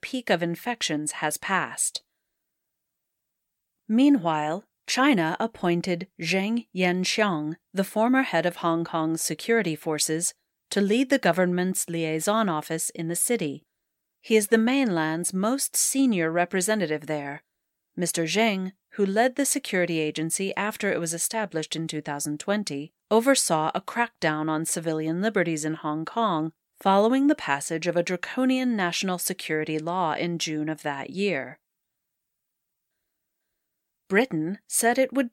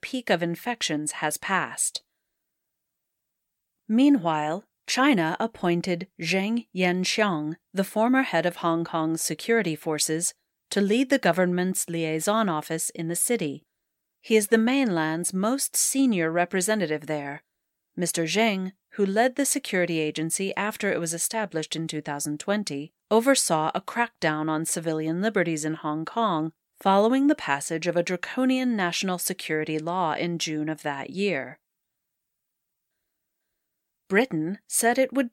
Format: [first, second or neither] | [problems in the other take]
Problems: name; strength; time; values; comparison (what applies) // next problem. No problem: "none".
neither | none